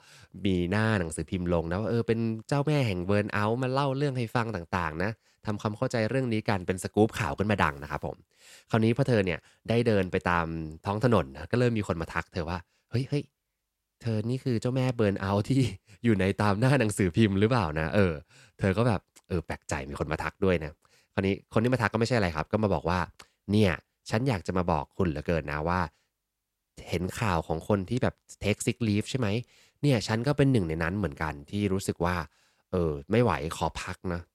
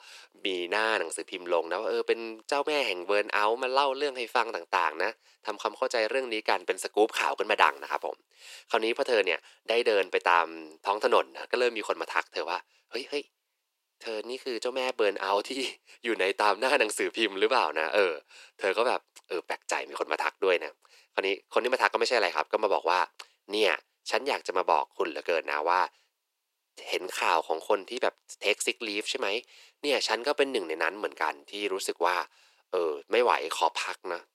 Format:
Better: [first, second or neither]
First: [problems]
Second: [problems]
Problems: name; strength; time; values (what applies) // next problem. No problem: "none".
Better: first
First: none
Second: thin; very; fading below 350 Hz